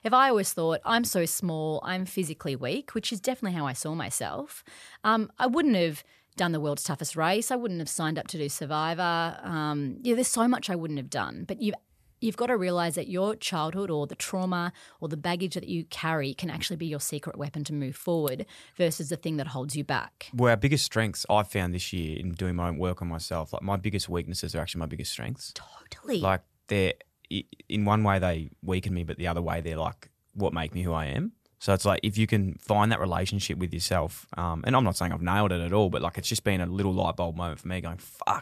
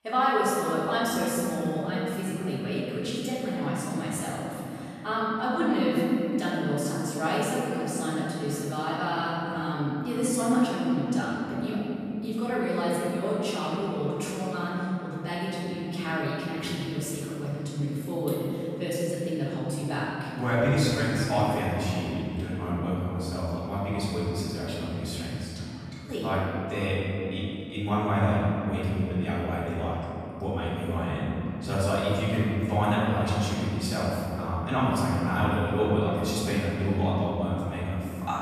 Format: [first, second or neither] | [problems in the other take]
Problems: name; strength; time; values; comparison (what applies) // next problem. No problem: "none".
first | off-mic speech; far // room echo; strong; dies away in 3 s